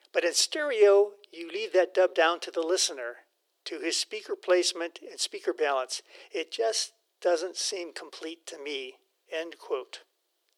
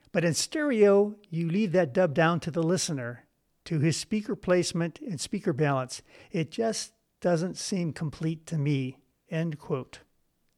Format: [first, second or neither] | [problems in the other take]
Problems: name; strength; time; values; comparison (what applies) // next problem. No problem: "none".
second | thin; very; fading below 350 Hz